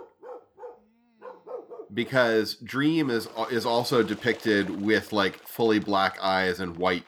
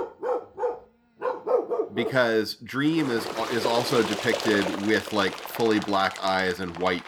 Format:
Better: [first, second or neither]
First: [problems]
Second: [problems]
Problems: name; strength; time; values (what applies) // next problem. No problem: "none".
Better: first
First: animal sounds; faint; throughout; 20 dB below the speech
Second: animal sounds; loud; throughout; 6 dB below the speech